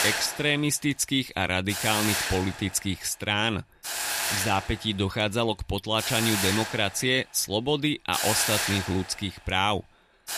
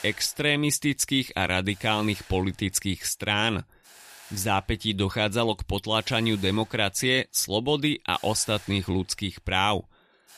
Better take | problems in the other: second | hiss; loud; throughout; 2 dB below the speech; faint in the second

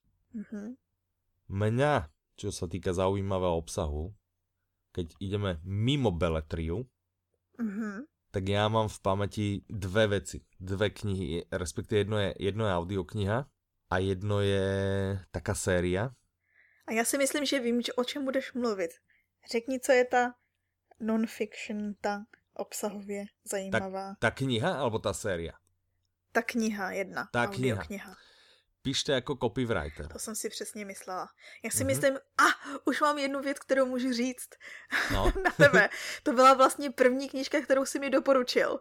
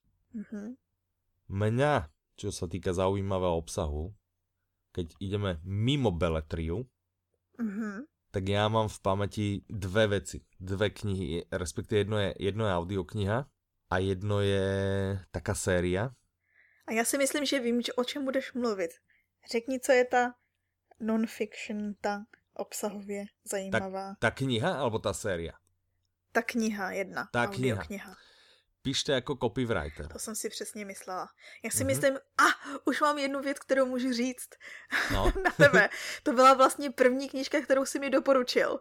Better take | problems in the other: neither | none

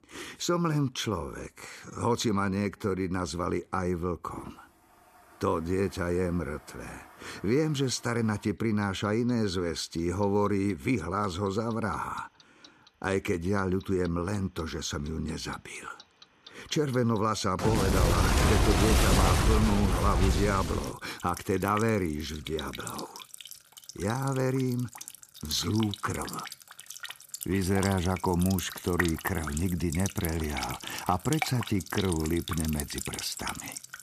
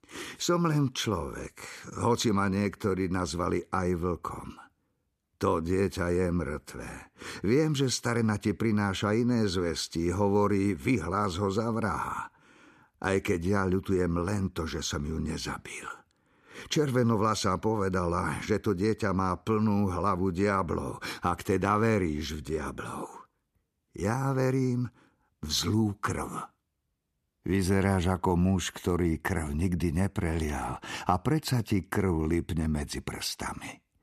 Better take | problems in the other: second | household noises; loud; throughout; 2 dB below the speech

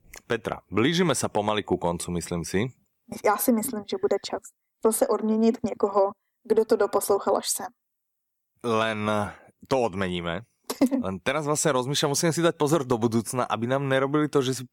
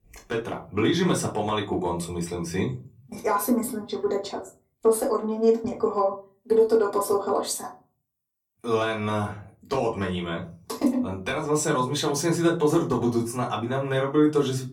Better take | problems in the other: first | off-mic speech; far // room echo; very slight; dies away in 0.3 s

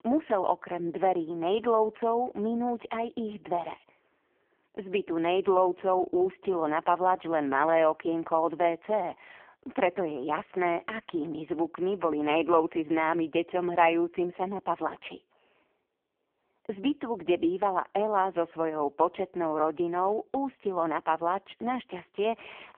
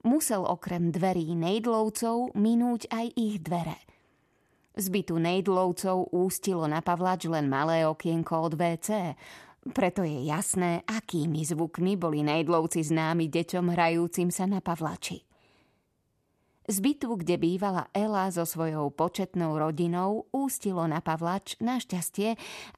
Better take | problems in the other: second | phone-call audio; poor line; nothing above 3 kHz

